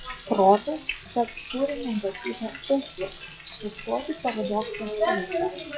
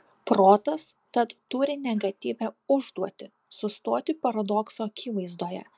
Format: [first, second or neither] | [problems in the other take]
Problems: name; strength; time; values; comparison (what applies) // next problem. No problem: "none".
second | noise reduction (classical method log-MMSE)